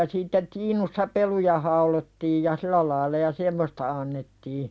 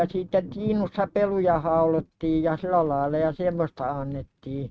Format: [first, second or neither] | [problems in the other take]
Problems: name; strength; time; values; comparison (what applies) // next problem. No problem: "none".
first | noise reduction (neural mask model RNNoise)